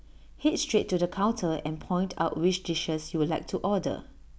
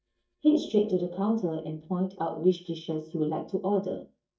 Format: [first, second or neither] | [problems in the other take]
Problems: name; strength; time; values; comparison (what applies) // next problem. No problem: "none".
first | noise reduction (neural mask model DeepFilterNet 3)